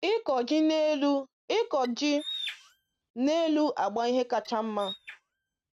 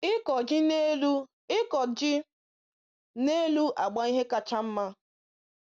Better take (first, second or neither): second